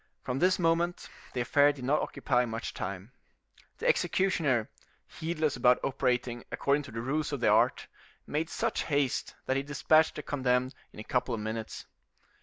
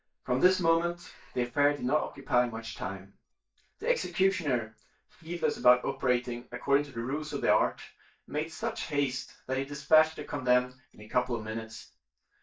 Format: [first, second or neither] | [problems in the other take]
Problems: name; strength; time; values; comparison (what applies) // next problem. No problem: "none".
first | noise reduction (neural mask model DeepFilterNet 3)